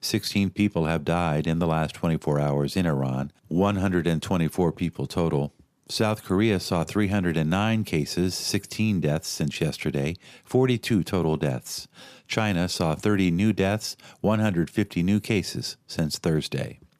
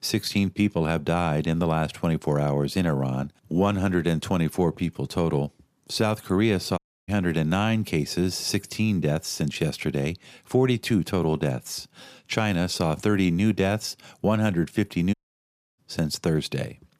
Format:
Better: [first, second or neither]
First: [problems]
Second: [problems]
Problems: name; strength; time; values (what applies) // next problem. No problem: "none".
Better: first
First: none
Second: audio cutting out; at 7 s and at 15 s for 0.5 s